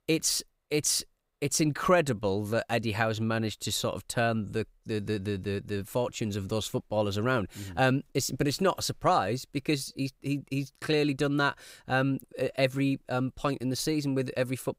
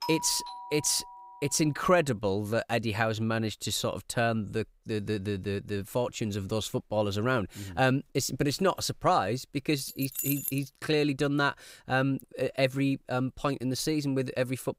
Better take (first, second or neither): first